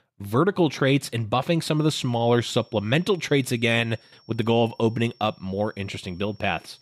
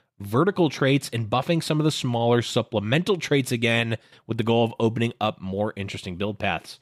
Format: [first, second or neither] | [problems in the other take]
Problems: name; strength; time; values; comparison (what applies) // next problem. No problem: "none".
second | high-pitched whine; faint; from 2 s on; 5.5 kHz, 30 dB below the speech